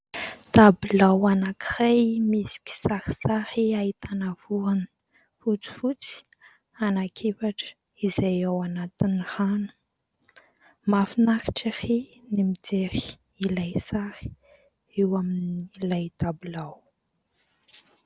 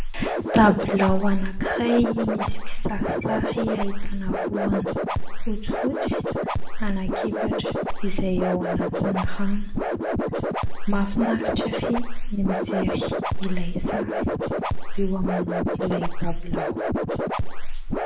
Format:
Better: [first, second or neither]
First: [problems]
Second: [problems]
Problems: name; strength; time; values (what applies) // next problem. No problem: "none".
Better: first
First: none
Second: background sound (Scratching (performance technique)); 4 dB above the speech // room echo; dies away in 0.6 s